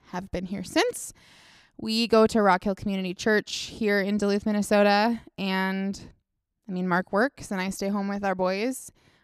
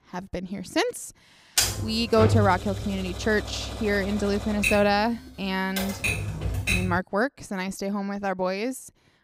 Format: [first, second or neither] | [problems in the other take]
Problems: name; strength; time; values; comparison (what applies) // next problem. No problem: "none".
first | keyboard typing; loud; from 1.5 to 7 s; peak 4 dB above the speech